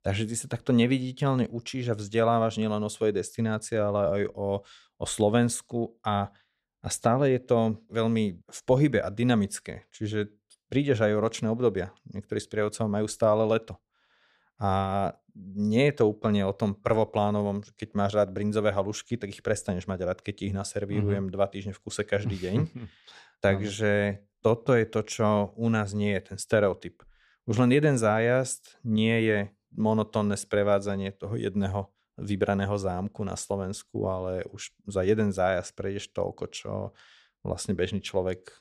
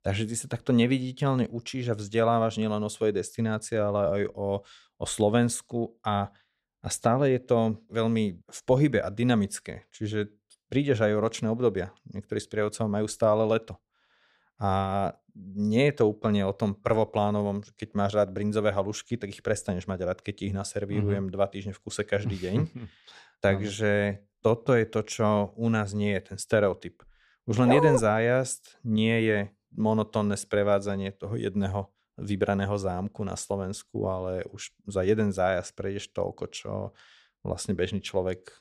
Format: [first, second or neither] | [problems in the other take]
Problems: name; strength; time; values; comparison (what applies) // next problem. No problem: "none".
first | dog barking; loud; at 28 s; peak 3 dB above the speech